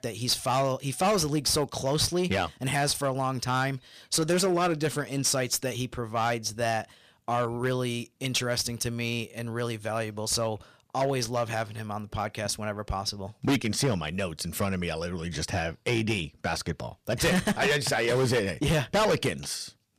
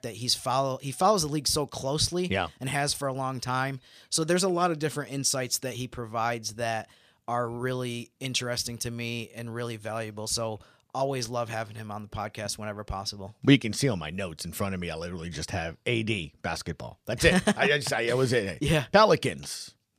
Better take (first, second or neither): second